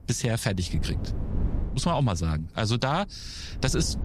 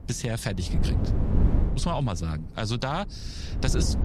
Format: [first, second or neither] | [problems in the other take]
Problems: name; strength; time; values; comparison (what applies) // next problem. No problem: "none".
first | wind noise on the microphone; heavy; 6 dB below the speech; occasional gusts in the first